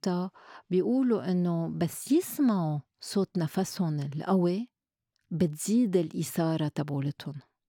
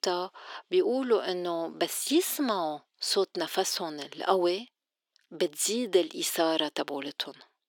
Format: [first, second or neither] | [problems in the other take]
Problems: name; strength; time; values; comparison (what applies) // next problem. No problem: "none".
first | thin; very; fading below 350 Hz